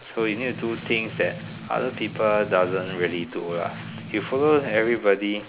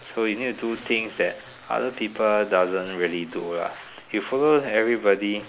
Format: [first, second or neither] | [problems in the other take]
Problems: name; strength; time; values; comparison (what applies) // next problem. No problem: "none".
second | background sound (Strum); 12 dB below the speech